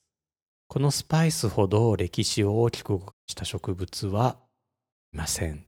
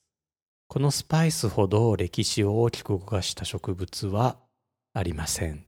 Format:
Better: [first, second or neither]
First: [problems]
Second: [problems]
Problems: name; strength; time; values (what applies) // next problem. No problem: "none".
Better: second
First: audio cutting out; at 3 s and at 5 s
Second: none